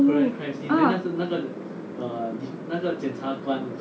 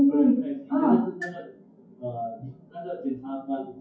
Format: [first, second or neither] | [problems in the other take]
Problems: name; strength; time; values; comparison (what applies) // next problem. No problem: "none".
first | noise reduction (classical method WPE with log-MMSE)